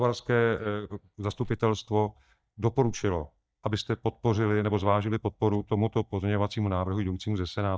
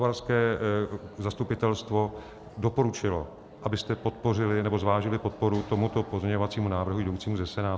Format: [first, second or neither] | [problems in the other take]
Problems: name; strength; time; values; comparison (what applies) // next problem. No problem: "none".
second | noise reduction (neural mask model DeepFilterNet 3)